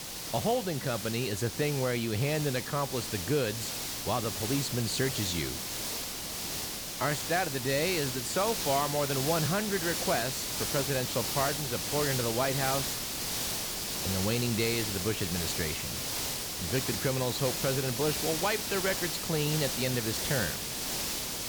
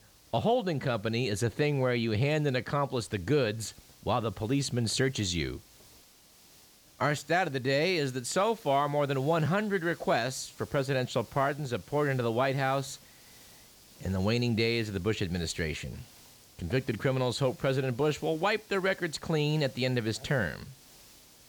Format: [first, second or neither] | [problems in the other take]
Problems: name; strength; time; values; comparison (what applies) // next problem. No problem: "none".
second | hiss; loud; throughout; 1 dB below the speech; faint in the second